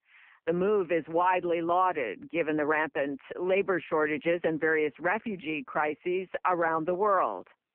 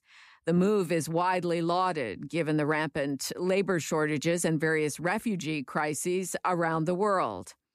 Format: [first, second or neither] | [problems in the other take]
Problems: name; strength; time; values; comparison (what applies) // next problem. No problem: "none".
second | phone-call audio; poor line